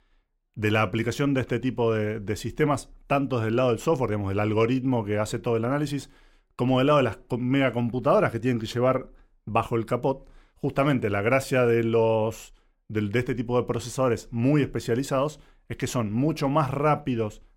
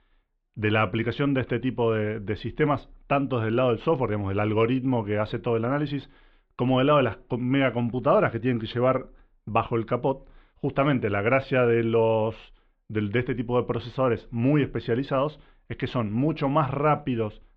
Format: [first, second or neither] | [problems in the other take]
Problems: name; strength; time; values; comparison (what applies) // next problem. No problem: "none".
first | muffled; very; fading above 3.5 kHz